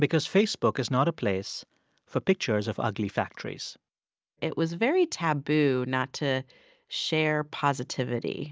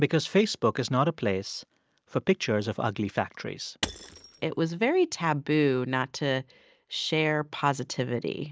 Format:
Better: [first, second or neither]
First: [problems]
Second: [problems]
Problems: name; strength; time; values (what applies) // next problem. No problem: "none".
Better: first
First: none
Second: background sound (Shatter / Crushing); 13 dB below the speech